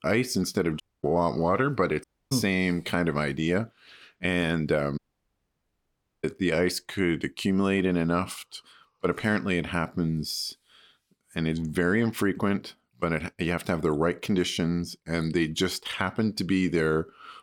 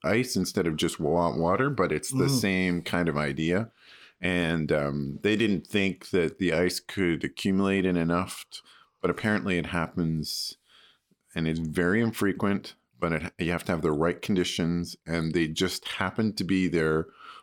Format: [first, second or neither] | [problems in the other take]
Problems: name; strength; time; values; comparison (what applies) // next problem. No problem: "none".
second | audio cutting out; at 1 s, at 2 s and at 5 s for 1.5 s